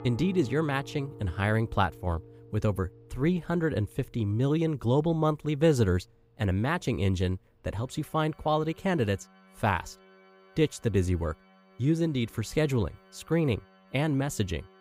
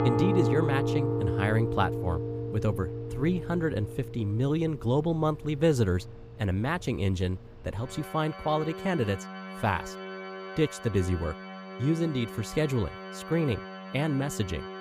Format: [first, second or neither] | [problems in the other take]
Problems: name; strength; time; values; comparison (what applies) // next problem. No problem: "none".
first | background music; loud; throughout; 5 dB below the speech; faint in the first